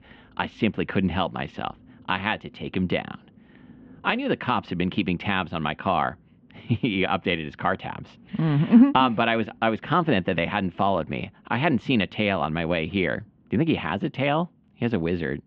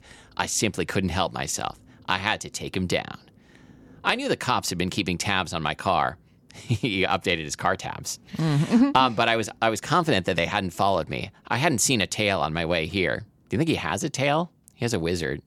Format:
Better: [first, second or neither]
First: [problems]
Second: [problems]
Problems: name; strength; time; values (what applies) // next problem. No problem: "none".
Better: second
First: muffled; very; fading above 3 kHz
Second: none